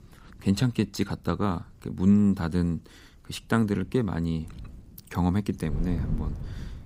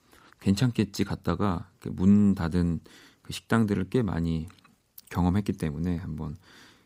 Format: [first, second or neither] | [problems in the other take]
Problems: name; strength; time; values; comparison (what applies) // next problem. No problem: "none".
second | wind noise on the microphone; occasional gusts; 15 dB below the speech